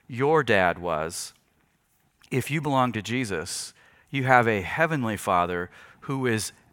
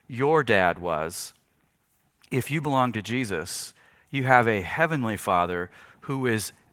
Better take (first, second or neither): first